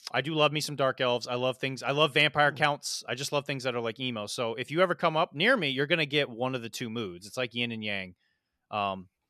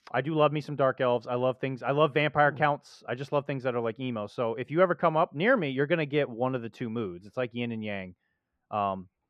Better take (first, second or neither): first